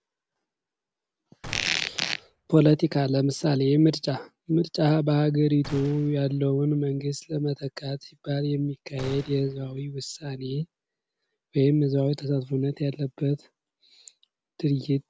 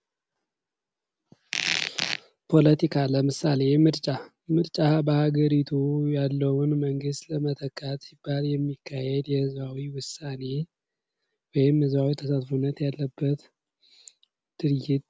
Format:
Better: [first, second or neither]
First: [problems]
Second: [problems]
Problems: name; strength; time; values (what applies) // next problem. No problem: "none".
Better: second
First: background sound (Gunshot, gunfire); 18 dB below the speech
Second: none